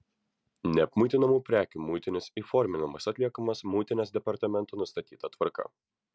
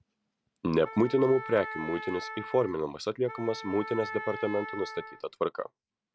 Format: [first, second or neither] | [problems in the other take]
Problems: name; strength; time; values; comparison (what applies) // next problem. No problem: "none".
first | background sound (Wind instrument, woodwind instrument); 11 dB below the speech